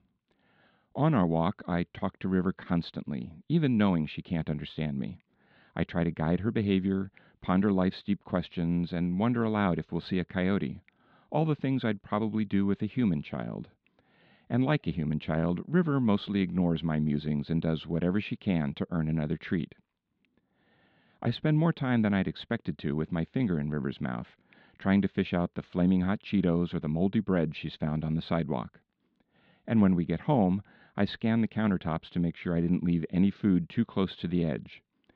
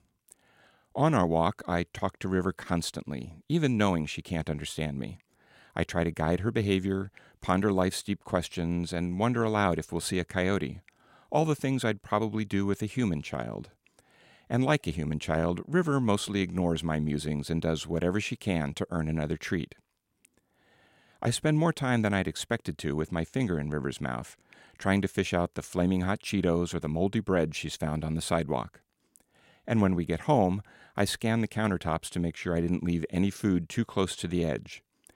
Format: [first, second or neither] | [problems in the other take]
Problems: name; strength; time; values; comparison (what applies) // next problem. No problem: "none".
second | muffled; slightly; fading above 4 kHz